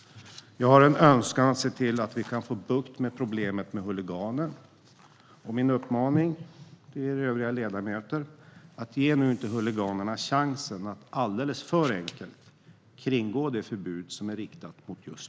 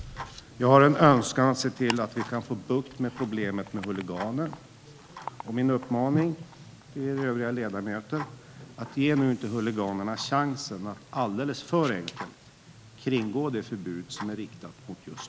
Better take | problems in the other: first | background sound (Tick-tock); 17 dB below the speech

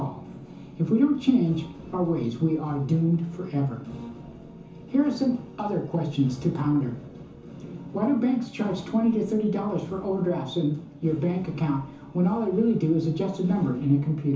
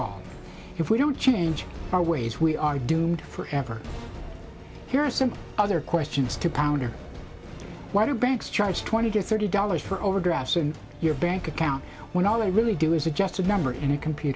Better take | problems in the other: second | room echo; dies away in 0.9 s

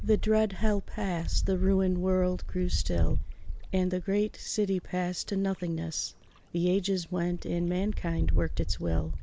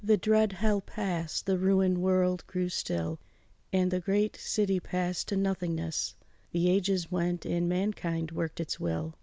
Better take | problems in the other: second | background sound (Wind); 1 dB below the speech

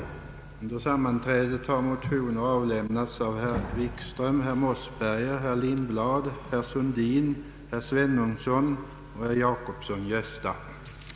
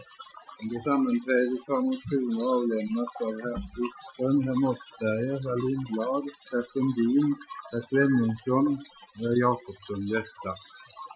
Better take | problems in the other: first | noise reduction (classical method Wiener filter)

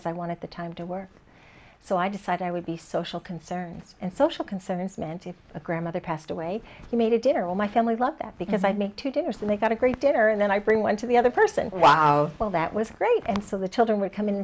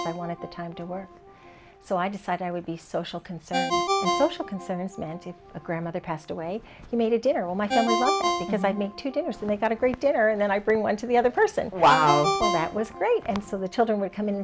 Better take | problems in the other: first | background sound (Ringtone); 6 dB below the speech

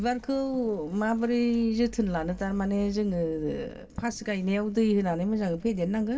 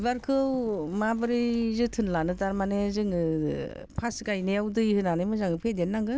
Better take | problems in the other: second | room echo; dies away in 1.9 s

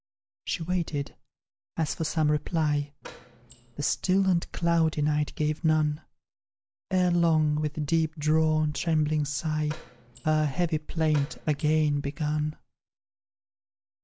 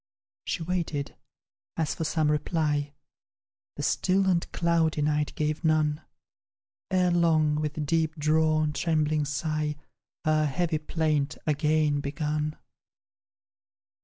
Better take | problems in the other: second | background sound (Door); 19 dB below the speech

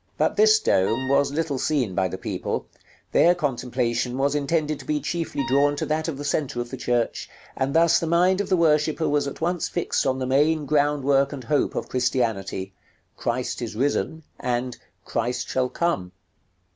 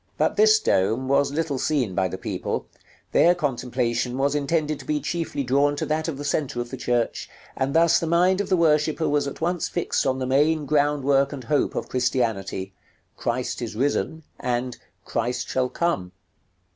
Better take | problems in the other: second | background sound (Wind instrument, woodwind instrument); 13 dB below the speech

